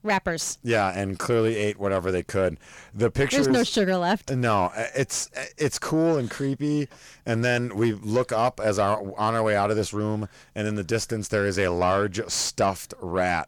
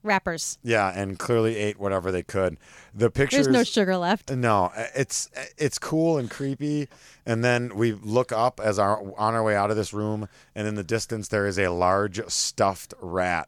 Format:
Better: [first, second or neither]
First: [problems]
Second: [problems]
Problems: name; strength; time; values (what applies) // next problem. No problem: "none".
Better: second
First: distortion; slight; 10 dB below the speech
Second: none